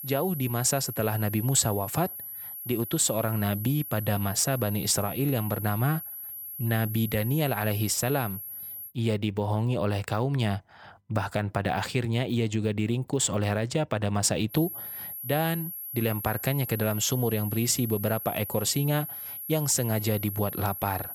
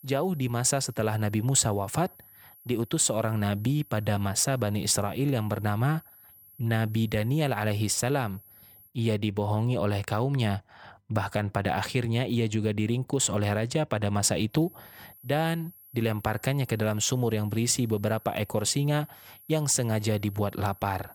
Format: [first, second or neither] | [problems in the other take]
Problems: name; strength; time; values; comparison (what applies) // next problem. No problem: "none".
second | high-pitched whine; loud; until 9 s and from 15 s on; 11.5 kHz, 8 dB below the speech; faint in the second